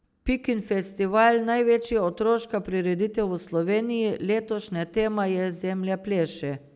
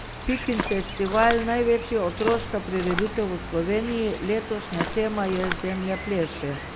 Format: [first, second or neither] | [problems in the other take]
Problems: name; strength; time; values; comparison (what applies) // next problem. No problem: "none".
first | background sound (Walk, footsteps + Cricket); 7 dB below the speech